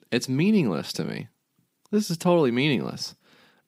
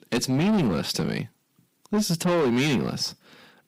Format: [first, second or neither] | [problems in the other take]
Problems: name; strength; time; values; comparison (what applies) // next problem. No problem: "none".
first | distortion; heavy; 6 dB below the speech